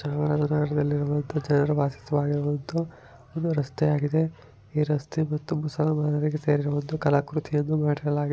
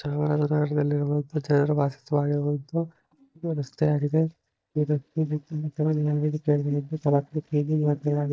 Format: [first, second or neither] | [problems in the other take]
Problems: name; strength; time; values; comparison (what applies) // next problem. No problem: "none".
first | noise reduction (neural mask model DeepFilterNet 3)